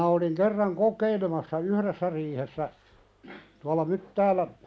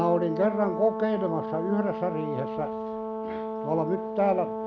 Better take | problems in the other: first | background sound (Brass instrument); 4 dB below the speech

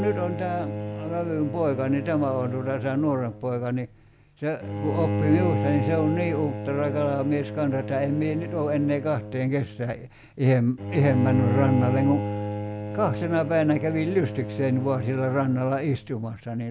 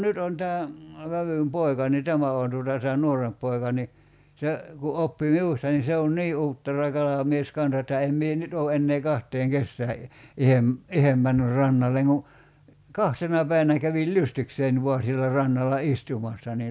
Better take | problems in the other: second | background sound (Bowed string instrument); 5 dB below the speech

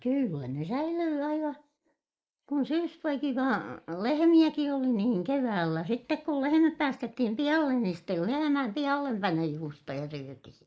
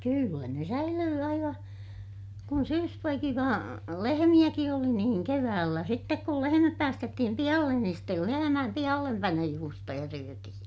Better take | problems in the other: second | noise reduction (neural mask model Resemble Enhance denoiser)

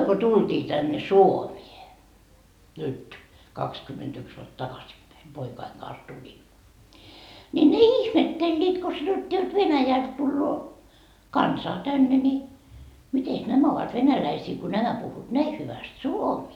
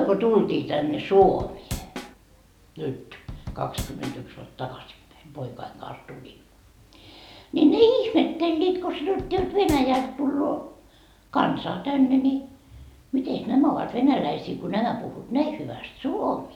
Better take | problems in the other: first | background sound (Drum / Drum kit); 10 dB below the speech

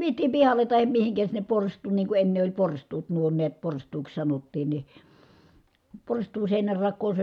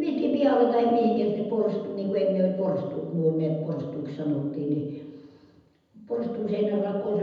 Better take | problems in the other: first | room echo; dies away in 1 s

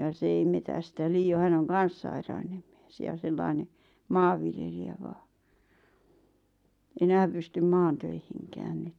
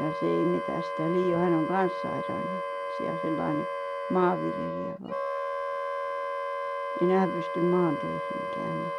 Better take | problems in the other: first | background sound (Wind instrument, woodwind instrument); 3 dB below the speech

